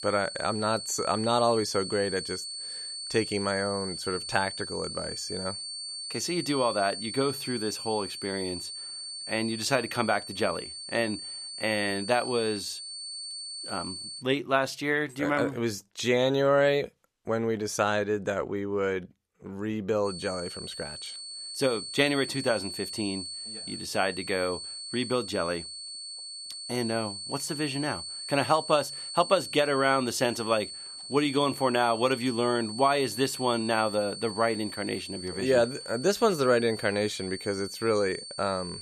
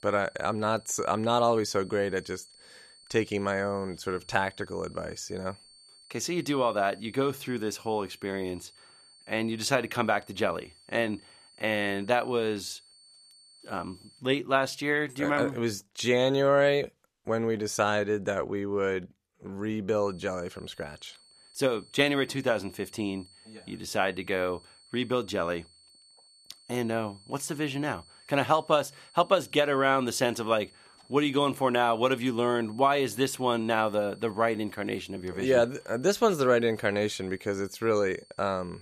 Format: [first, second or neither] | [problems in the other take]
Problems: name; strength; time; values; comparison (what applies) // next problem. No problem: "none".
second | high-pitched whine; loud; until 14 s and from 20 s on; 4.5 kHz, 8 dB below the speech; faint in the second